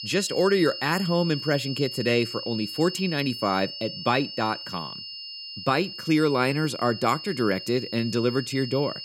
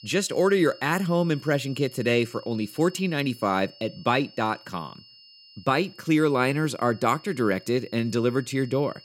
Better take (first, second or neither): second